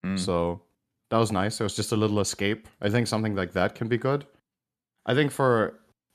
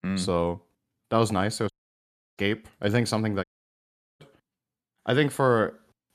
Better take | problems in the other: first | audio cutting out; at 1.5 s for 0.5 s and at 3.5 s for 1 s

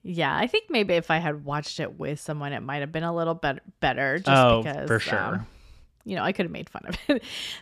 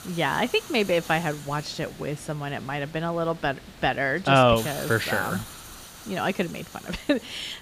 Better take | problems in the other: first | hiss; noticeable; throughout; 15 dB below the speech

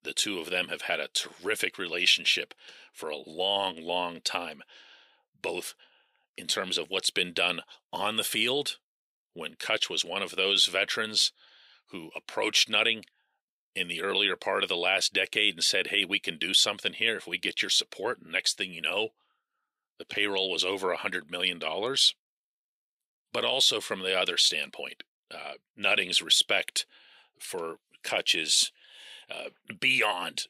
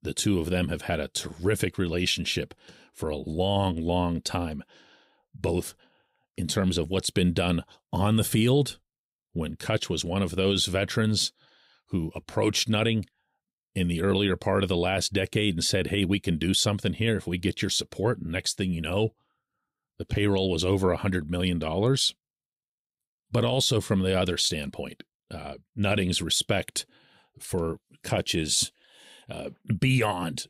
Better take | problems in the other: second | thin; very; fading below 450 Hz

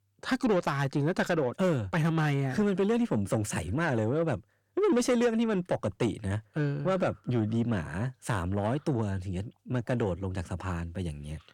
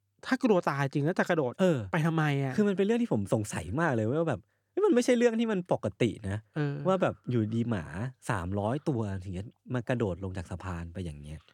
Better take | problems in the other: second | distortion; slight; 10 dB below the speech

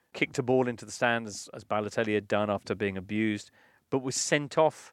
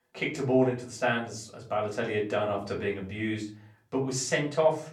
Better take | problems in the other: first | off-mic speech; far // room echo; slight; dies away in 0.4 s

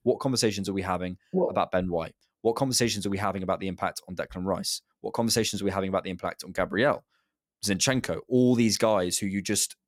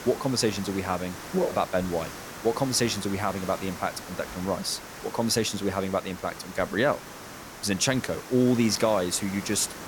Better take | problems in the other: first | hiss; noticeable; throughout; 10 dB below the speech

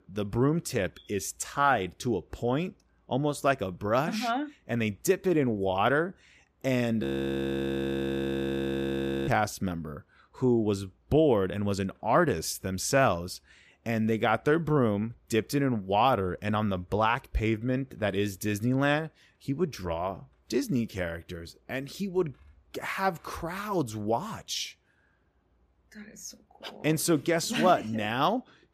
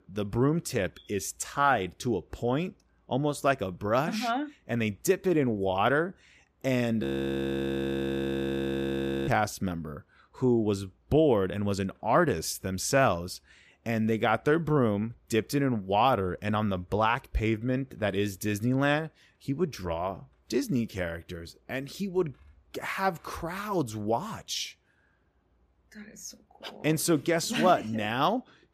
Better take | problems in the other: neither | audio freezing; at 7 s for 2 s; the same in both

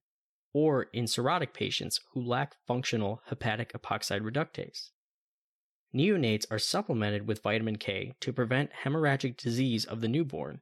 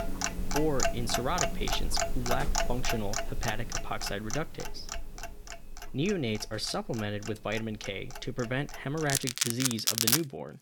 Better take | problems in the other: first | household noises; very loud; throughout; 2 dB above the speech

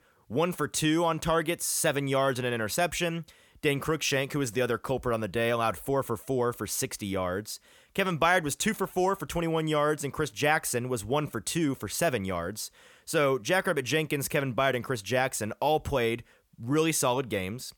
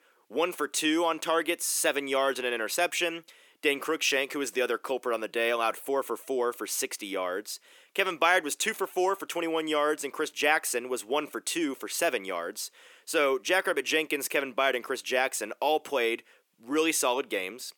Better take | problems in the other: first | thin; somewhat; fading below 300 Hz

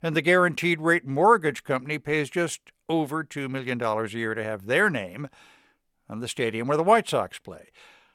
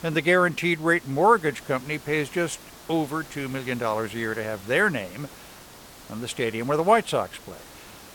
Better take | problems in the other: first | hiss; noticeable; throughout; 20 dB below the speech

